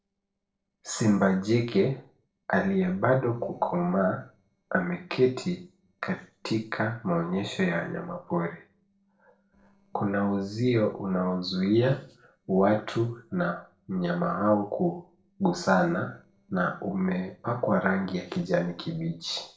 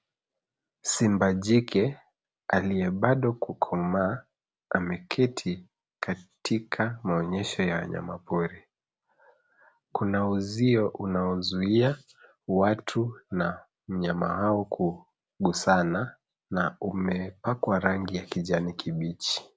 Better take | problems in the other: second | noise reduction (neural separator model SepFormer DNS4)

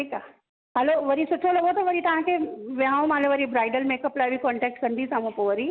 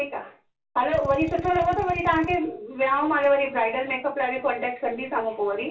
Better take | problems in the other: first | background sound (Drill); 11 dB below the speech // room echo; dies away in 0.2 s

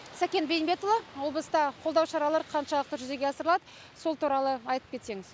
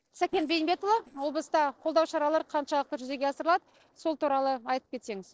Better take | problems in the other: first | noise reduction (neural separator model SepFormer DNS4)

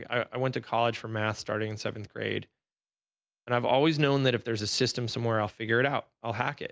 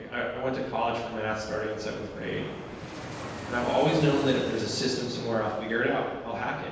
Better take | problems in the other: first | background sound (Fixed-wing aircraft, airplane); 12 dB below the speech // room echo; dies away in 1.2 s

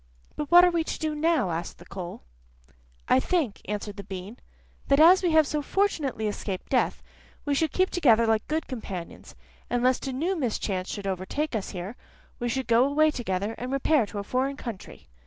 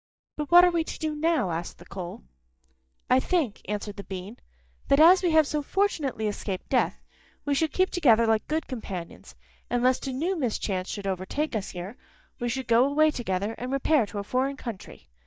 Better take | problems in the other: first | noise reduction (neural mask model DeepFilterNet 3)

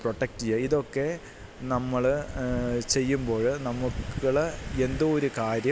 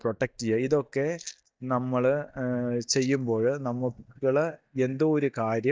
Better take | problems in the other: first | noise reduction (neural mask model DeepFilterNet 3)

